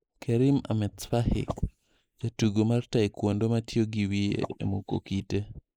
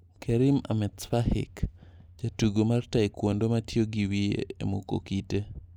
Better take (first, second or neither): second